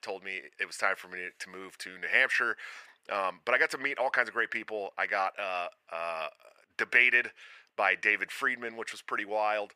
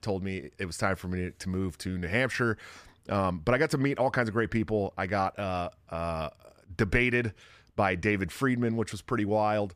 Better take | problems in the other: second | thin; very; fading below 600 Hz

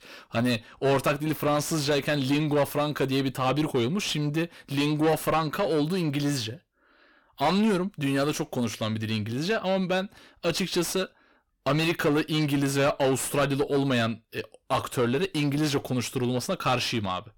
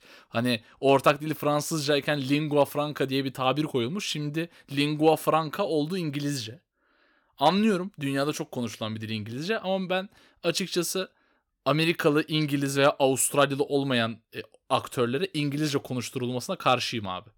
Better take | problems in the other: second | distortion; heavy; 7 dB below the speech

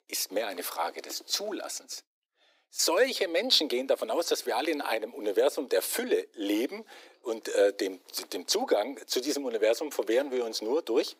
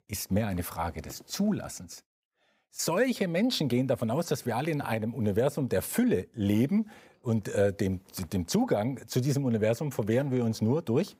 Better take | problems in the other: second | thin; very; fading below 300 Hz

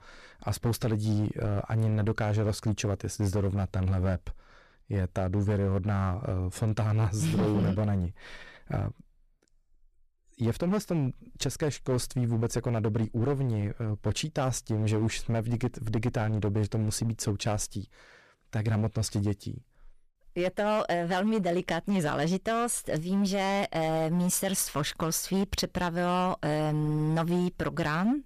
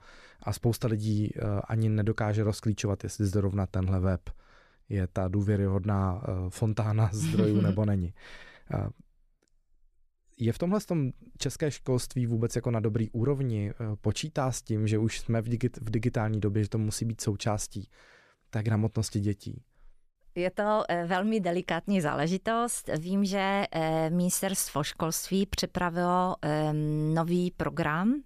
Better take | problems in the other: second | distortion; slight; 10% of the sound clipped

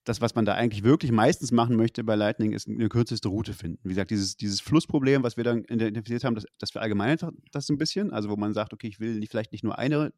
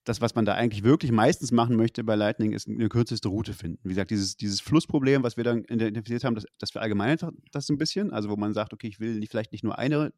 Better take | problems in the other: neither | none

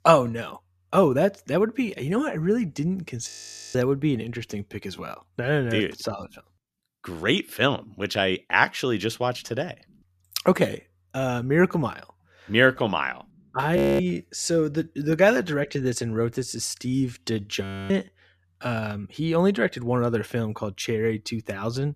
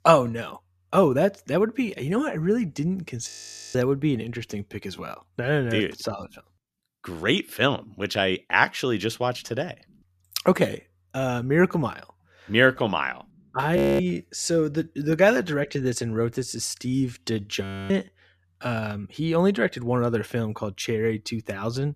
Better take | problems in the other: neither | audio freezing; at 3.5 s, at 14 s and at 18 s; the same in both

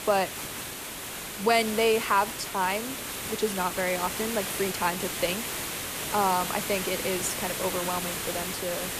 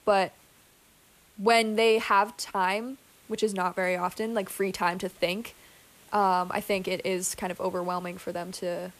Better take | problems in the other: second | hiss; loud; throughout; 3 dB below the speech; faint in the second

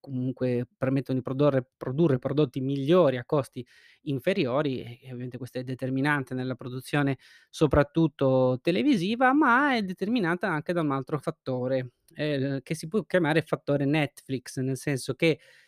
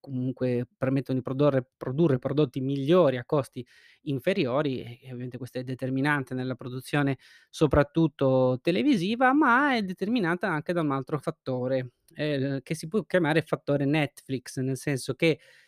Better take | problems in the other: neither | none

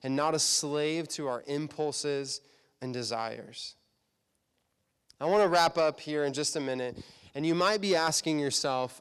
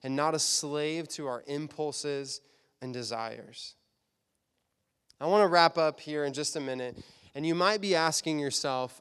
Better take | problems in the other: second | distortion; slight; 10 dB below the speech

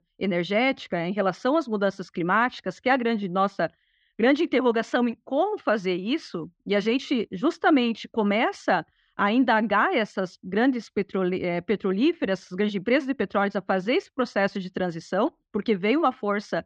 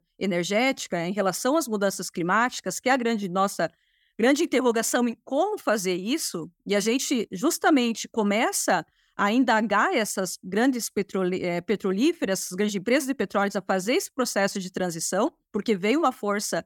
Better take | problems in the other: second | muffled; slightly; fading above 4 kHz

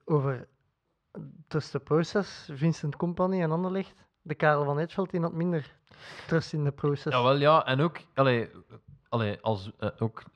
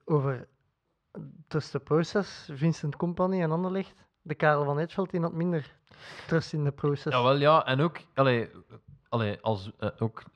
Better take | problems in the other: neither | muffled; slightly; fading above 3 kHz; the same in both

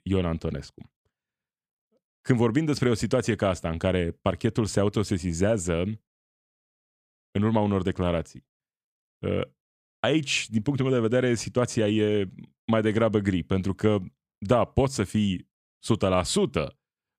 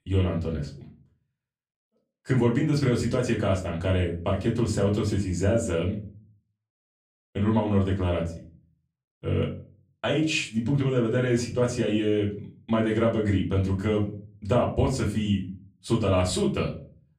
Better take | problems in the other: first | off-mic speech; far // room echo; slight; dies away in 0.3 s

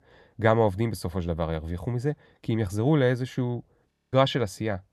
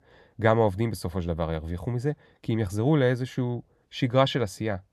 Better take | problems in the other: second | audio freezing; at 4 s

